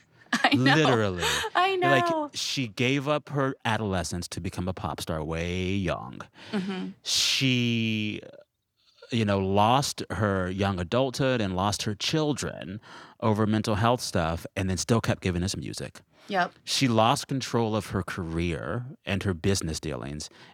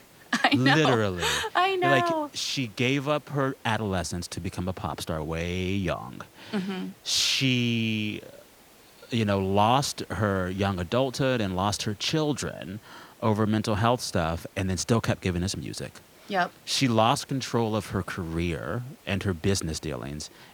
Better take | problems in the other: first | hiss; faint; throughout; 25 dB below the speech

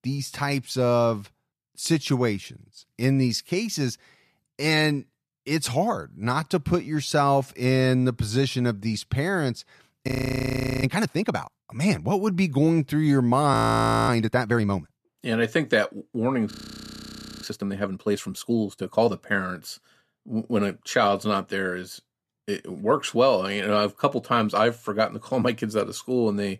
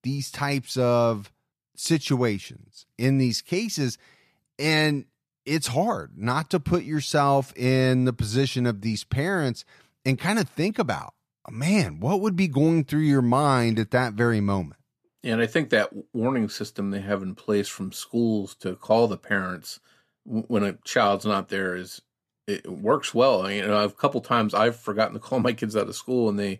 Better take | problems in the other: second | audio freezing; at 10 s for 1 s, at 14 s for 0.5 s and at 17 s for 1 s

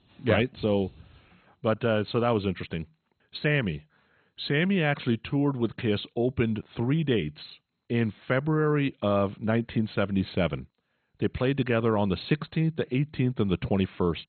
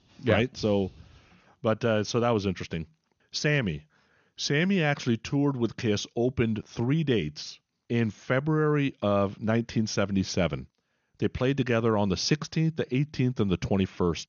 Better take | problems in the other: second | garbled, watery; badly; nothing above 4 kHz; slightly in the second

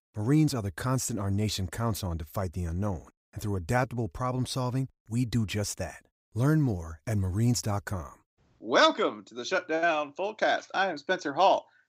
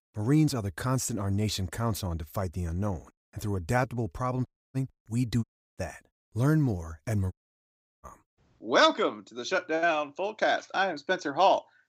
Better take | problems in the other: first | audio cutting out; at 4.5 s, at 5.5 s and at 7.5 s for 0.5 s

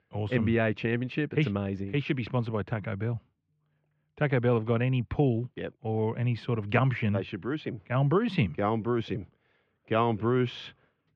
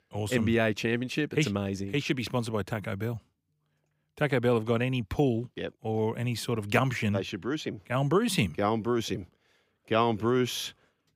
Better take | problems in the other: second | muffled; very; fading above 3 kHz

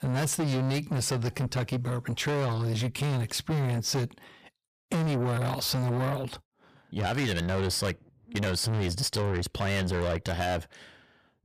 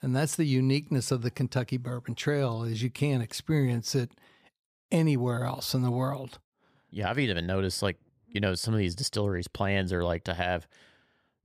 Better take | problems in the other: second | distortion; heavy; 6 dB below the speech

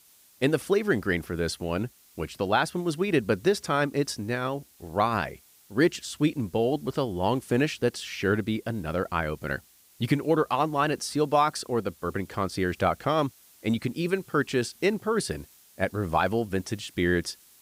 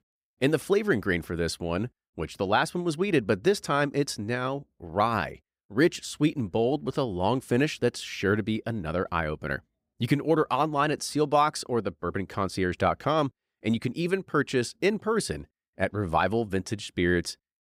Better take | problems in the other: second | hiss; faint; throughout; 25 dB below the speech

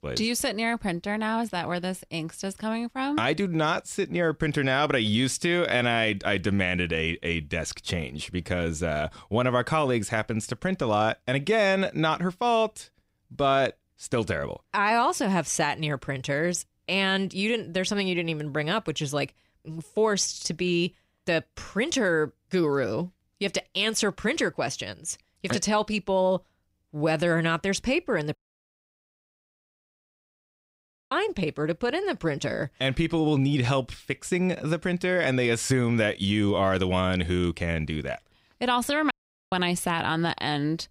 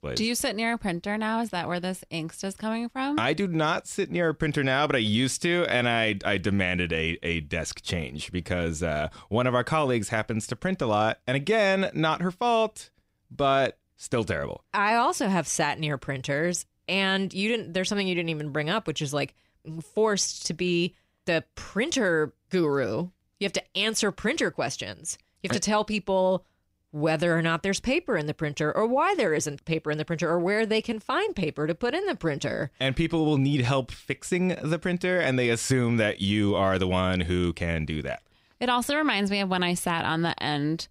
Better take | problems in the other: second | audio cutting out; at 28 s for 3 s and at 39 s

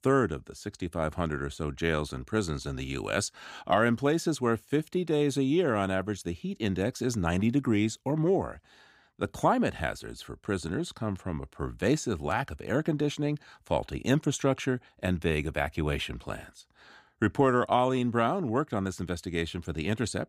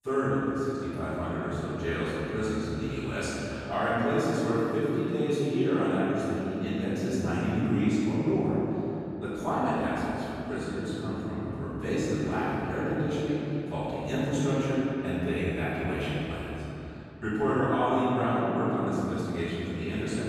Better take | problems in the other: first | room echo; strong; dies away in 3 s // off-mic speech; far

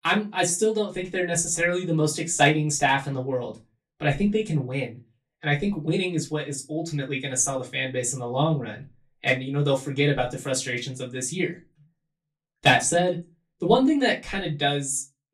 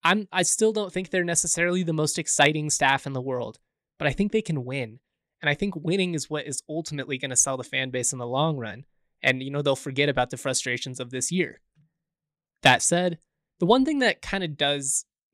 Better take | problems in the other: second | off-mic speech; far // room echo; very slight; dies away in 0.2 s

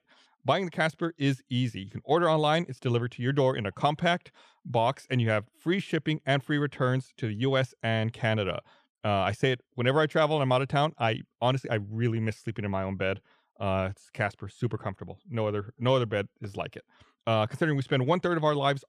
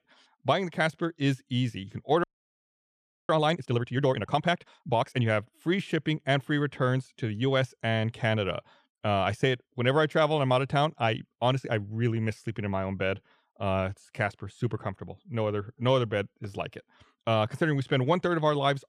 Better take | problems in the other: first | audio freezing; at 2 s for 1 s

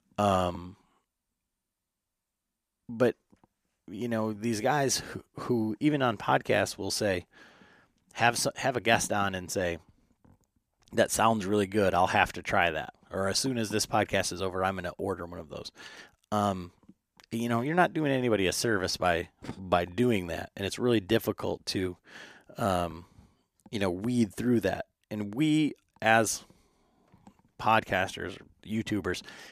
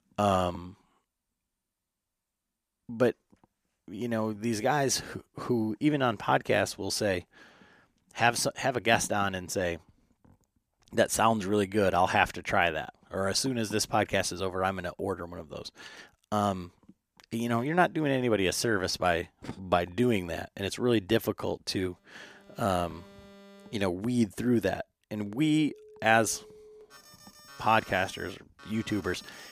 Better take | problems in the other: first | alarms or sirens; faint; from 22 s on; 25 dB below the speech

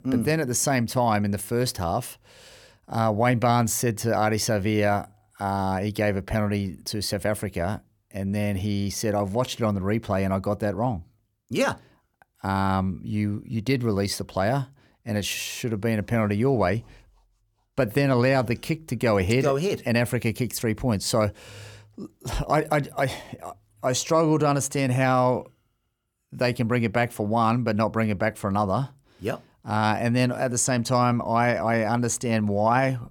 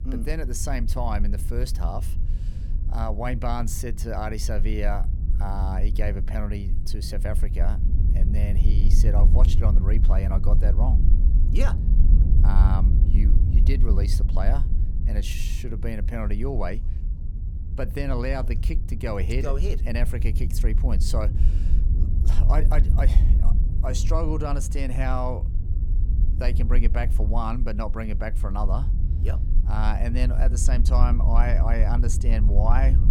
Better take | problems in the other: first | low rumble; loud; throughout; 9 dB below the speech

